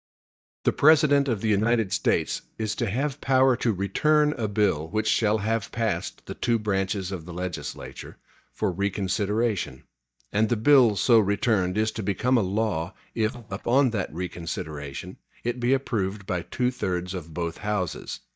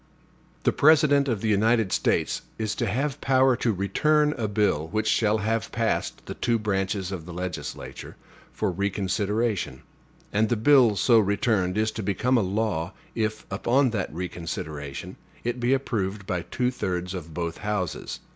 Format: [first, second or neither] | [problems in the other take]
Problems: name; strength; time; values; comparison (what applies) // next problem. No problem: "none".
second | noise reduction (neural mask model DeepFilterNet 3)